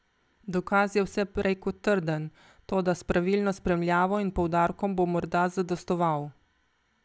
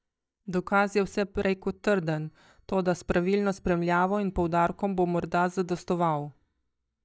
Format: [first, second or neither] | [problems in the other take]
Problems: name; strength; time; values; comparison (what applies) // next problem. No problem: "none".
first | noise reduction (neural mask model DeepFilterNet 3)